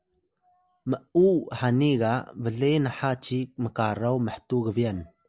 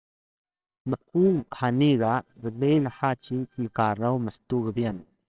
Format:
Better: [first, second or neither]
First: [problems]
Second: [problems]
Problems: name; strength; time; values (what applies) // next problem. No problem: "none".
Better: first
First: none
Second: noise reduction (neural separator model SepFormer WHAMR!)